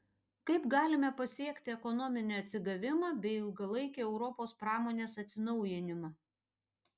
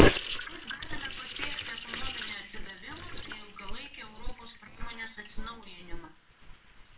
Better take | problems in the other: first | noise reduction (neural separator model SepFormer WHAMR!)

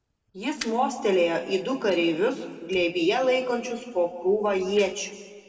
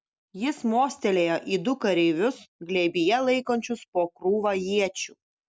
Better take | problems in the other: second | noise reduction (neural separator model SepFormer DNS4)

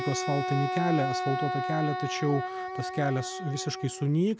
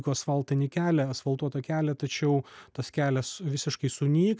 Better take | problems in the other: second | background sound (Wind instrument, woodwind instrument); 3 dB below the speech

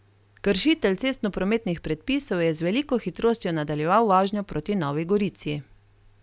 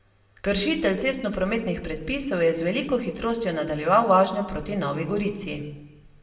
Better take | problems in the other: first | room echo; dies away in 0.9 s

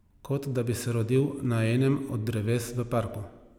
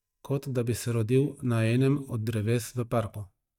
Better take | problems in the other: first | noise reduction (neural mask model DeepFilterNet 3)

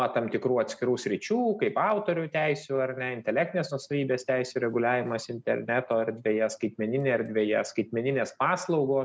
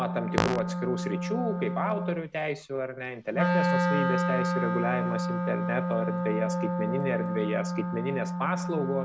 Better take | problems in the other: first | background sound (Fart + Wind instrument, woodwind instrument); 2 dB above the speech

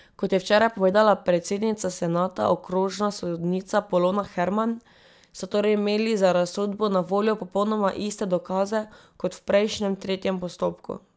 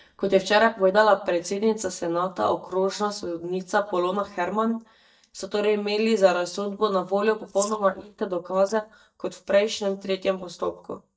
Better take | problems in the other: first | noise reduction (neural mask model DeepFilterNet 3)

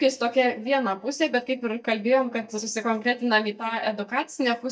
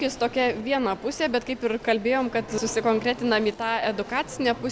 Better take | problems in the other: second | noise reduction (neural mask model DeepFilterNet 3)

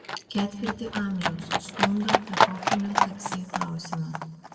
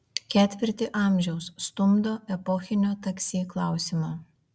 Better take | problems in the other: second | background sound (Livestock, farm animals, working animals); 3 dB above the speech // room echo; dies away in 1.5 s

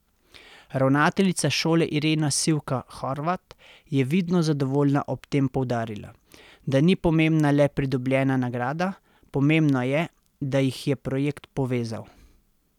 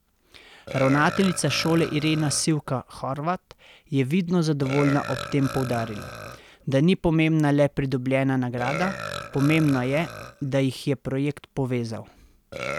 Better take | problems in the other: first | background sound (Burping, eructation); 13 dB below the speech

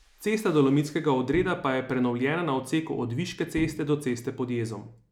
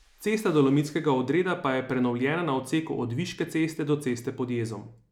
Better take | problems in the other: second | background sound (Bowed string instrument); 14 dB below the speech

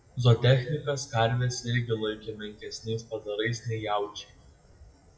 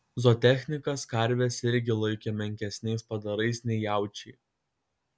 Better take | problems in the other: second | noise reduction (classical method WPE with log-MMSE)

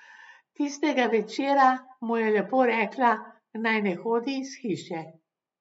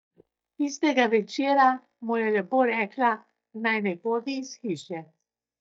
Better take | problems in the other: first | noise reduction (neural mask model DeepFilterNet 3)

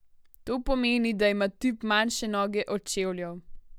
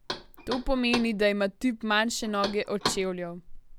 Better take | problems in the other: first | background sound (Knock); 10 dB below the speech

